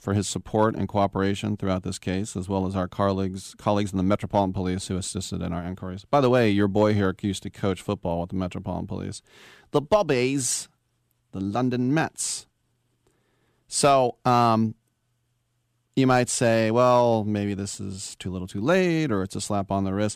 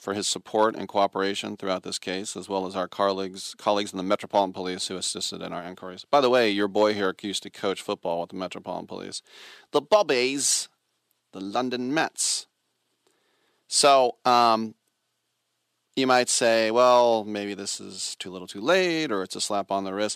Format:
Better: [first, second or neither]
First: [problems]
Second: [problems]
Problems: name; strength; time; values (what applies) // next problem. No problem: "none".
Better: first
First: none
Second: thin; somewhat; fading below 350 Hz